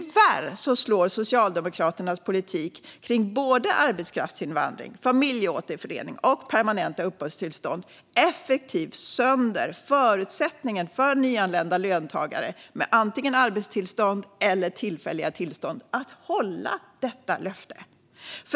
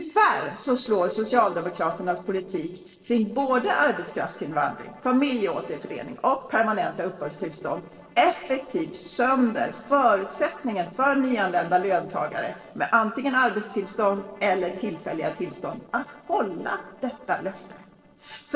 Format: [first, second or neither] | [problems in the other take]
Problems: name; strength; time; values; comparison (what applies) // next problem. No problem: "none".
first | noise reduction (neural separator model SepFormer DNS4)